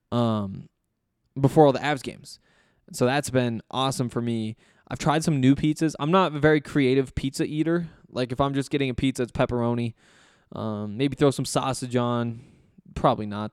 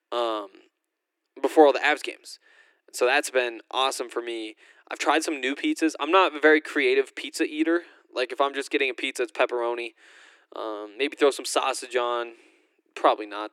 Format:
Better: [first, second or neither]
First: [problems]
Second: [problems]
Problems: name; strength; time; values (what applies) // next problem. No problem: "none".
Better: first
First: none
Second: thin; very; fading below 300 Hz